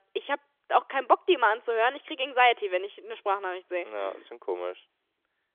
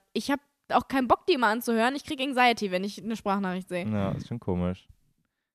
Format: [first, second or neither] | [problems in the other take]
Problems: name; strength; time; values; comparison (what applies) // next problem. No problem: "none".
second | phone-call audio; nothing above 3.5 kHz